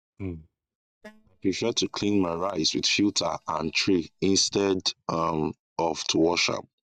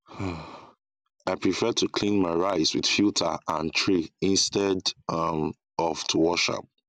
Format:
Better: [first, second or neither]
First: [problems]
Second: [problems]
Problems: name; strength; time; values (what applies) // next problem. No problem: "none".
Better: second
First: noise reduction (neural mask model DeepFilterNet 3)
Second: none